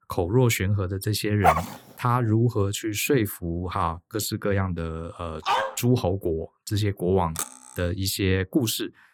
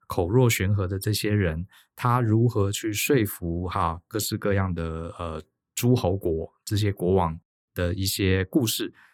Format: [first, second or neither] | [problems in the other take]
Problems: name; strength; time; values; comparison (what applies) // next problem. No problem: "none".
second | dog barking; loud; at 1.5 s and at 5.5 s; peak 3 dB above the speech // clattering dishes; noticeable; at 7.5 s; peak 6 dB below the speech